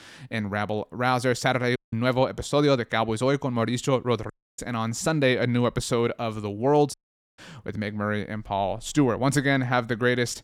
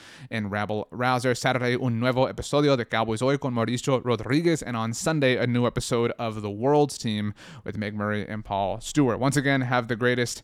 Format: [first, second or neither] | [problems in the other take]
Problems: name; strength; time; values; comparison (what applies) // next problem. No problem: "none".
second | audio cutting out; at 2 s, at 4.5 s and at 7 s